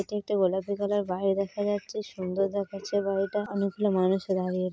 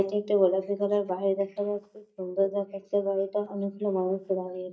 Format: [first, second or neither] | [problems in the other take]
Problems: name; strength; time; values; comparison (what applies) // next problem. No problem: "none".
first | noise reduction (neural mask model DeepFilterNet 3)